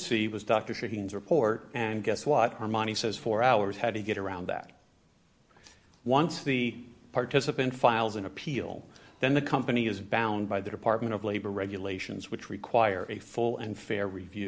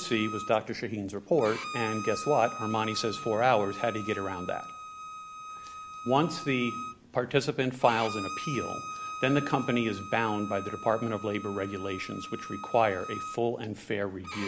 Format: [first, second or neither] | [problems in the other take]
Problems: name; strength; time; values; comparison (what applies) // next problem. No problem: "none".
first | background sound (Bowed string instrument); 10 dB below the speech